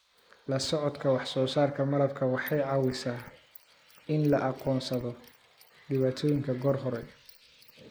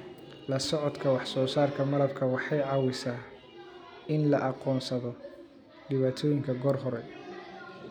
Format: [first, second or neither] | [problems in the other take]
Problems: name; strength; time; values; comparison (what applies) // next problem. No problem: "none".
second | noise reduction (neural mask model Resemble Enhance denoiser)